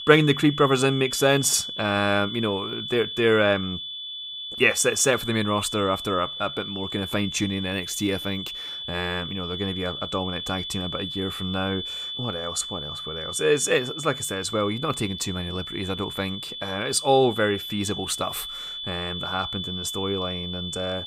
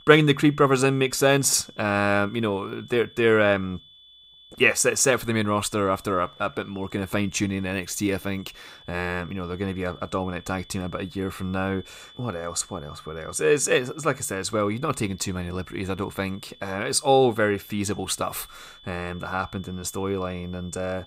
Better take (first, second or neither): second